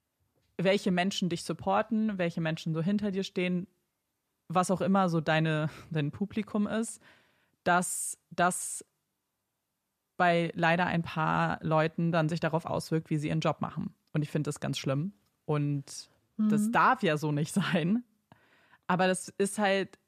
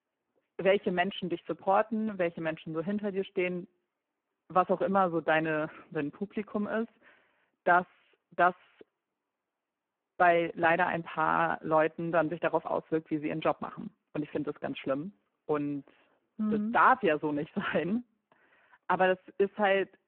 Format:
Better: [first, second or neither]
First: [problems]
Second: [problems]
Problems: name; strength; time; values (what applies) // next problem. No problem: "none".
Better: first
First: none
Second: phone-call audio; poor line